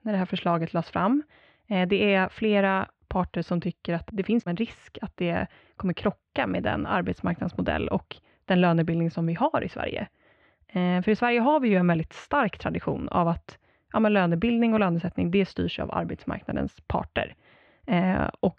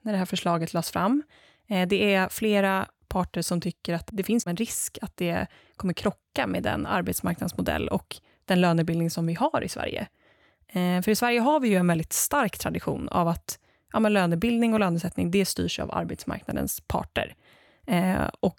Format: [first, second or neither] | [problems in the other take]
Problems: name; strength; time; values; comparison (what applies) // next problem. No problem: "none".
second | muffled; very; fading above 3 kHz